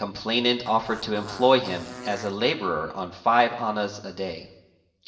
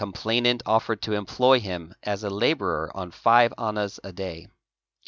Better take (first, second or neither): second